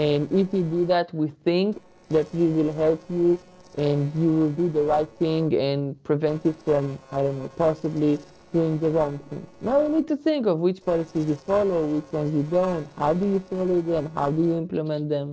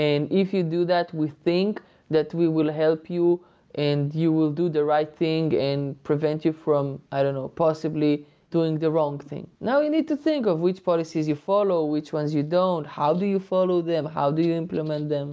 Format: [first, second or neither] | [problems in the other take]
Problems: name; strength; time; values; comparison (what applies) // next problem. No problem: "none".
second | noise reduction (neural separator model SepFormer DNS4)